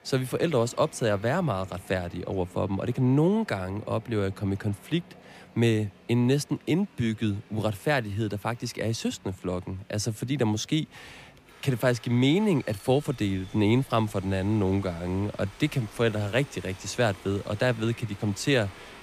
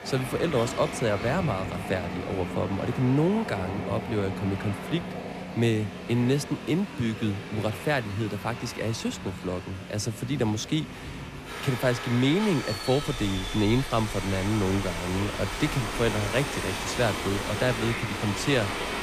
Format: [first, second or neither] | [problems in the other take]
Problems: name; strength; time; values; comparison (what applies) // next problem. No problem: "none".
first | train or aircraft noise; loud; throughout; 6 dB below the speech; faint in the first